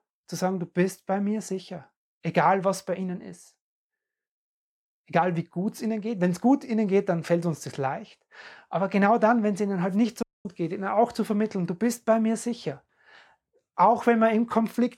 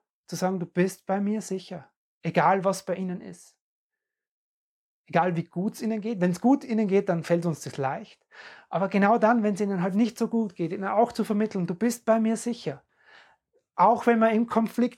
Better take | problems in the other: second | audio cutting out; at 10 s

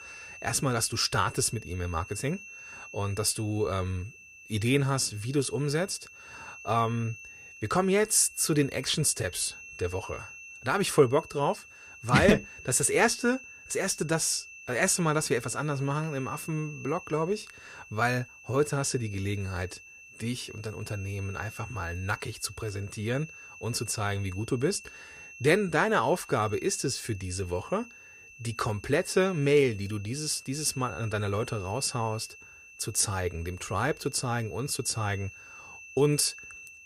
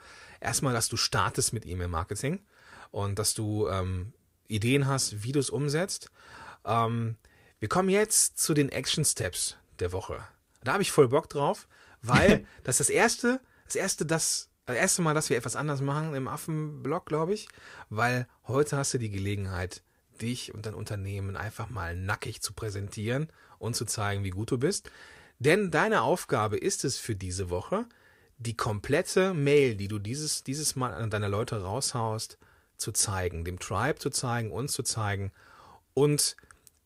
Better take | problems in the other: second | high-pitched whine; noticeable; throughout; 2.5 kHz, 15 dB below the speech

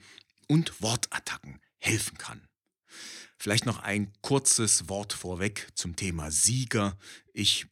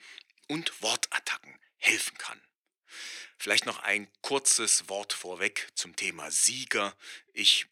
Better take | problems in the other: first | thin; very; fading below 500 Hz

